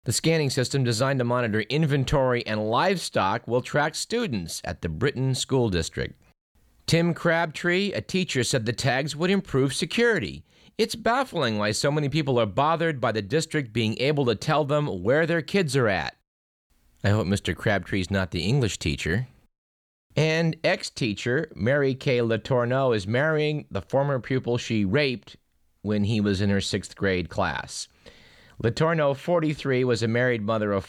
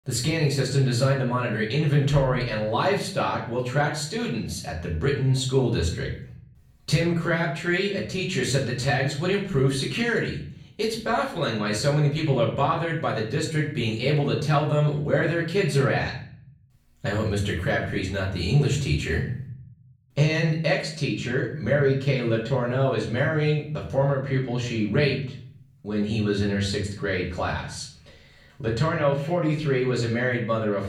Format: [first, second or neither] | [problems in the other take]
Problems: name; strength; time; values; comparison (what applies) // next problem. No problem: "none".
first | off-mic speech; far // room echo; slight; dies away in 0.6 s